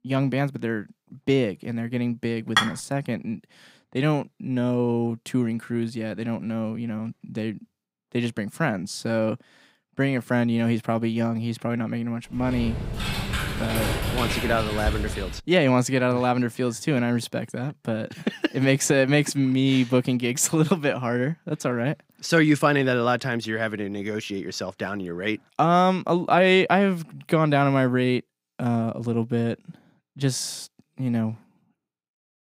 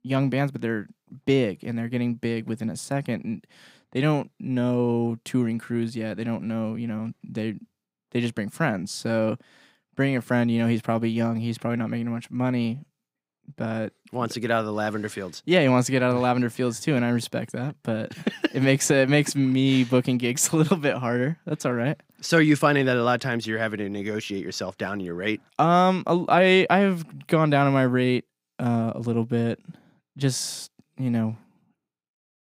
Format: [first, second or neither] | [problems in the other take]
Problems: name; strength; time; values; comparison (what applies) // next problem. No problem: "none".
second | clattering dishes; loud; at 2.5 s; peak 1 dB above the speech // keyboard typing; noticeable; from 12 to 15 s; peak 2 dB below the speech